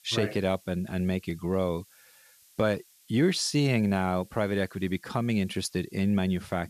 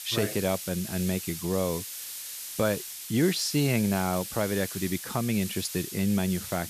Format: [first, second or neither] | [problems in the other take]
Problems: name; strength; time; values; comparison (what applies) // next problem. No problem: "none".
first | hiss; loud; throughout; 7 dB below the speech; faint in the first